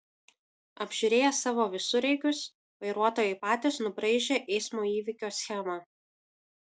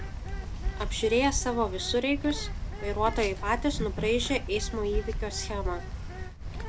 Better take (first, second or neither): first